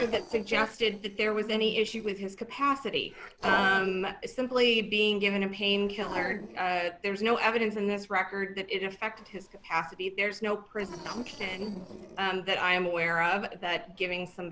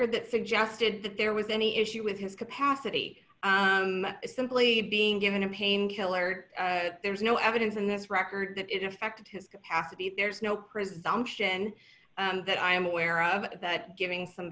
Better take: second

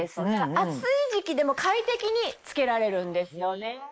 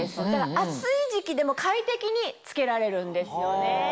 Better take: second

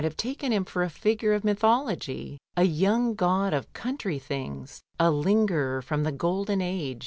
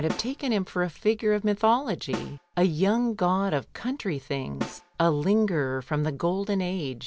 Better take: first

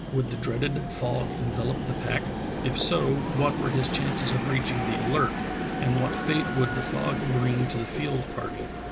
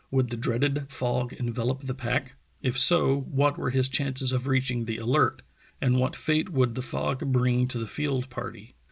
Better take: second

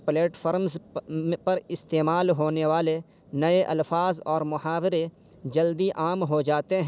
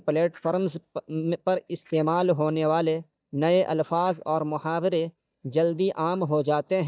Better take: first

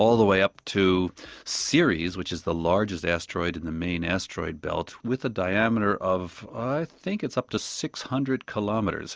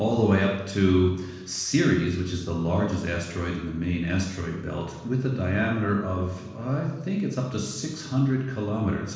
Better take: first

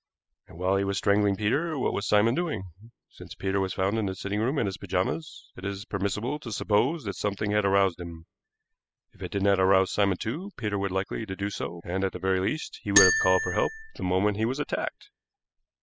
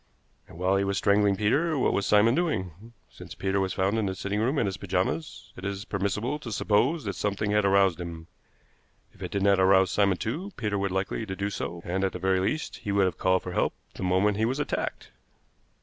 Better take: second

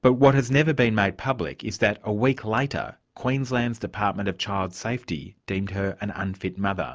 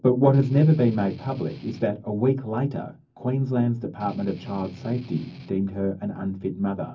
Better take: first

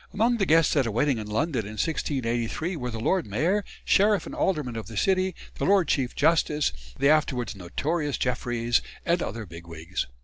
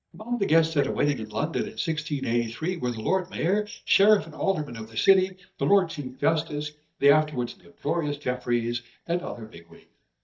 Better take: first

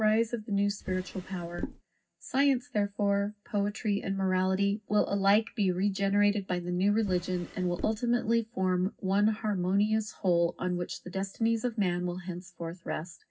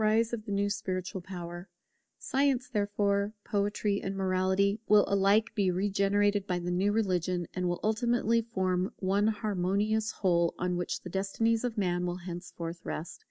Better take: second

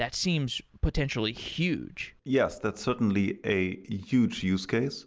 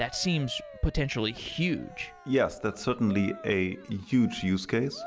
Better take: first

